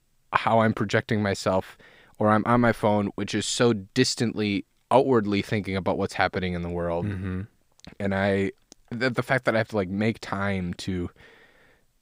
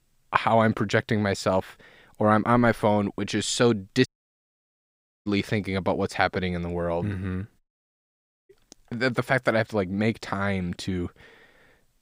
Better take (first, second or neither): first